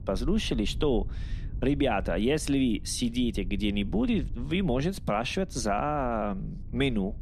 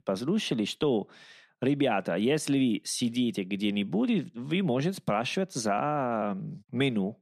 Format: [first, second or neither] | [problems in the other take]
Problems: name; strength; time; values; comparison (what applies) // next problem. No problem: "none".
second | low rumble; faint; throughout; 25 dB below the speech